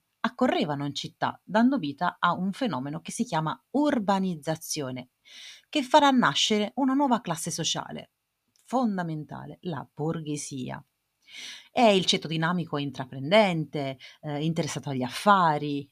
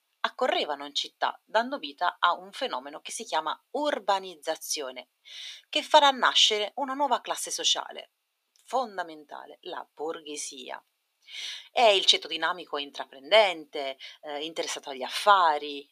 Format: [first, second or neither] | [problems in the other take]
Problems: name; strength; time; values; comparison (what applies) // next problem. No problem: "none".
first | thin; very; fading below 400 Hz